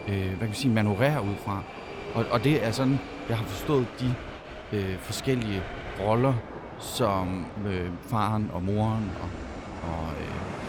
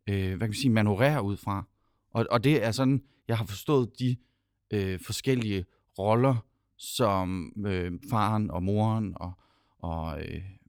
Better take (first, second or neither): second